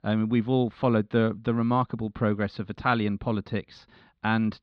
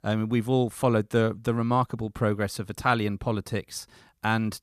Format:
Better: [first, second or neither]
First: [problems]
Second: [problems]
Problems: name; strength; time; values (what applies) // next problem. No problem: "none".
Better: second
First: muffled; slightly; fading above 4 kHz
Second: none